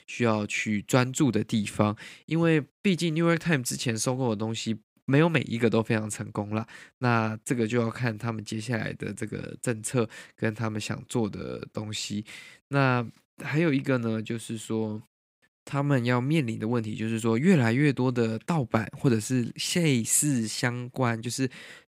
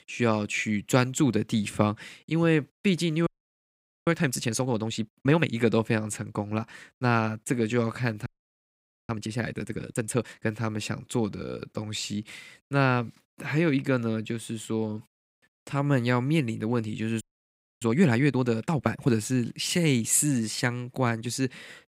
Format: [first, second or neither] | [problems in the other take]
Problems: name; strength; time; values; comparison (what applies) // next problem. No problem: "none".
first | audio freezing; at 3.5 s for 1 s, at 8.5 s for 1 s and at 17 s for 0.5 s